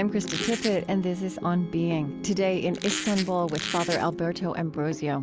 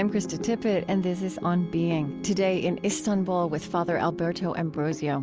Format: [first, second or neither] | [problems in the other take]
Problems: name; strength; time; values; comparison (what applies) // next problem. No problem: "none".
second | background sound (Squeak); 8 dB below the speech